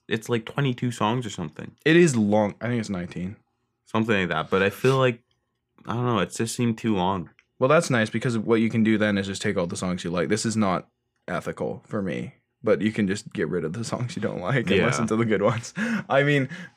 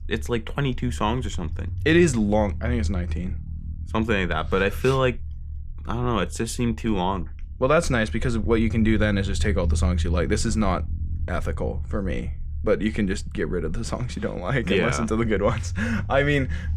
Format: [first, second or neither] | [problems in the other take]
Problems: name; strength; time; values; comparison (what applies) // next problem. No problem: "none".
first | low rumble; faint; throughout; 25 dB below the speech